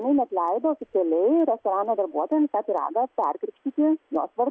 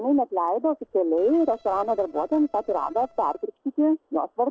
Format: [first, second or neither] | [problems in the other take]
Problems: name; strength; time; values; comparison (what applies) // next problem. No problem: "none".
first | noise reduction (neural separator model SepFormer DNS4)